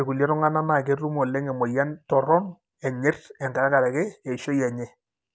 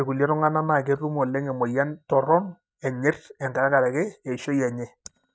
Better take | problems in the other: first | noise reduction (neural mask model DeepFilterNet 3)

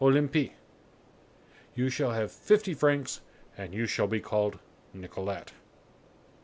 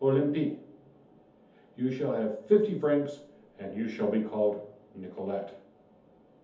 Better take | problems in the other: first | room echo; dies away in 0.6 s

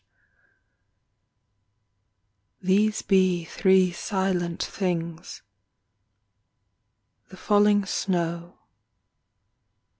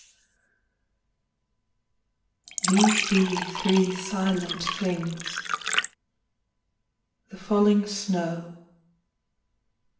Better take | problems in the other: first | background sound (Fill (with liquid)); 1 dB below the speech // room echo; dies away in 0.8 s

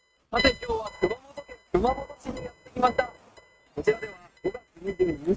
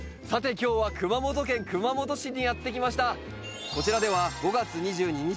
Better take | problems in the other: second | noise reduction (neural mask model RNNoise)

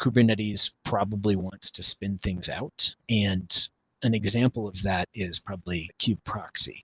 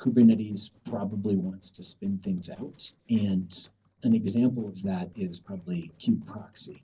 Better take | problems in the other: first | noise reduction (neural separator model SepFormer DNS4)

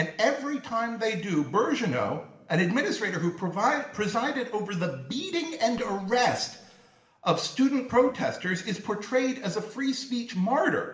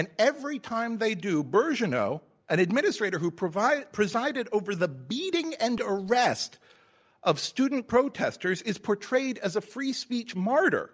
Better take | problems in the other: second | room echo; dies away in 1 s

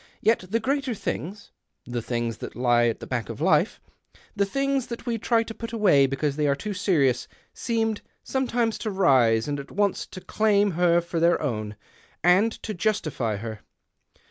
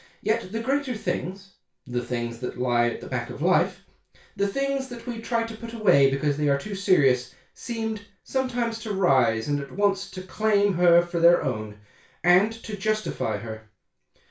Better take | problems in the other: first | room echo; dies away in 0.3 s

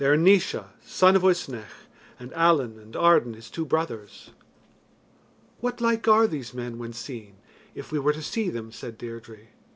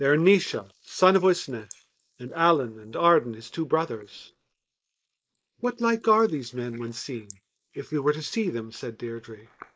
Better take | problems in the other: first | noise reduction (neural mask model Resemble Enhance denoiser)

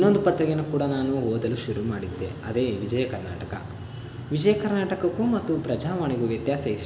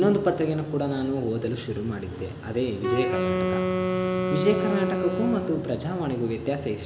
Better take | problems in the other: first | background sound (Wind instrument, woodwind instrument); 1 dB below the speech

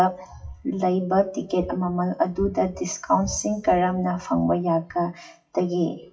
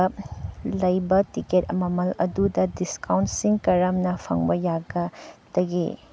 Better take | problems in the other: second | noise reduction (classical method WPE with log-MMSE)

